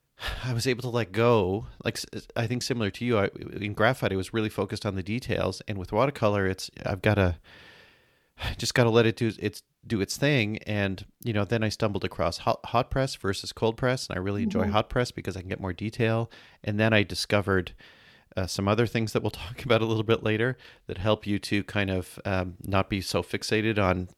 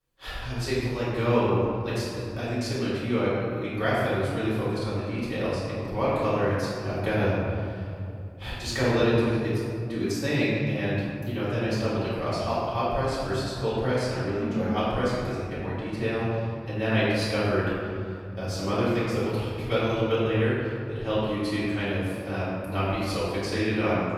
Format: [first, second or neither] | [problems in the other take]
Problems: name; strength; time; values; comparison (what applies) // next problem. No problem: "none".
first | off-mic speech; far // room echo; strong; dies away in 2.5 s